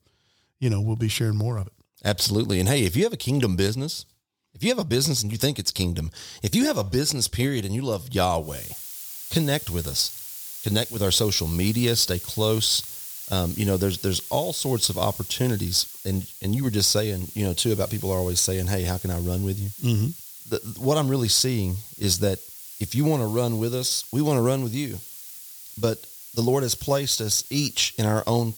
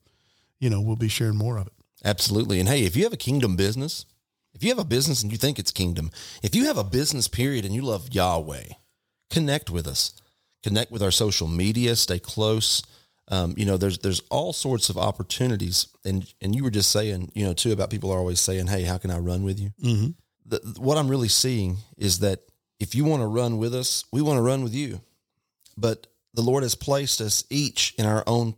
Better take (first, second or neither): second